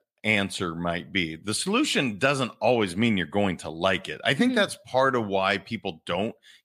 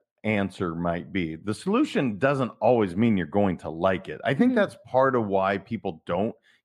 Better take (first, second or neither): first